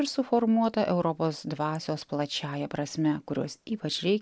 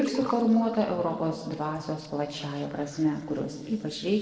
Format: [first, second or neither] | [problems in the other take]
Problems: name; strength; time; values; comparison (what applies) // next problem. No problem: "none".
first | noise reduction (neural separator model SepFormer DNS4)